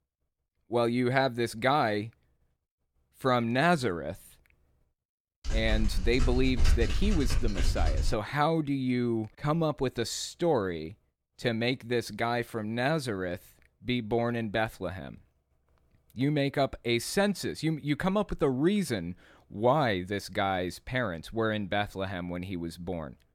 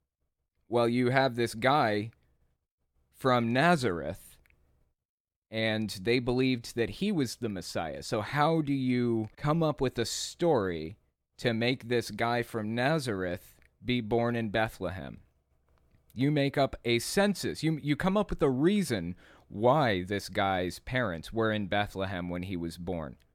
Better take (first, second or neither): second